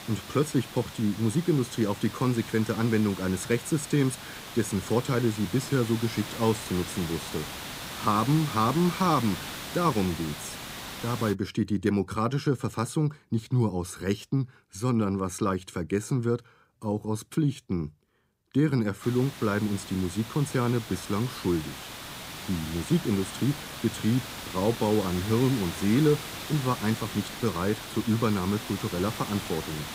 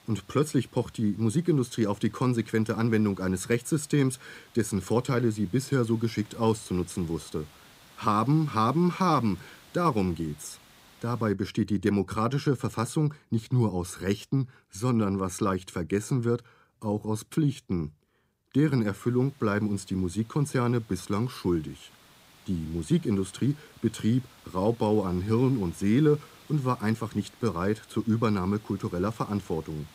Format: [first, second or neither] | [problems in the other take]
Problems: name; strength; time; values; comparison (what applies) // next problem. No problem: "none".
second | hiss; loud; until 11 s and from 19 s on; 10 dB below the speech; faint in the second